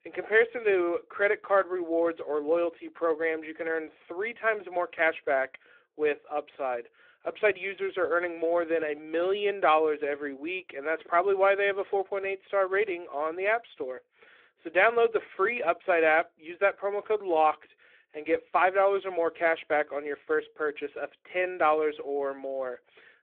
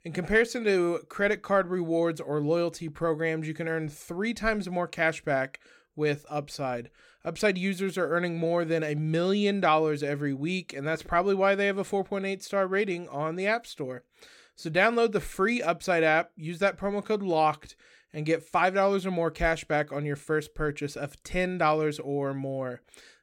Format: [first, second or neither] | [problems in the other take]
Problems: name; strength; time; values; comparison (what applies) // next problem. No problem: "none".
second | phone-call audio